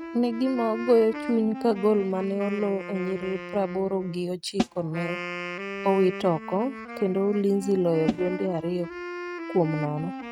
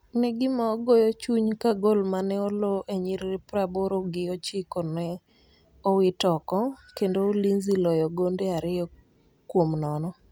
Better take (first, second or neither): second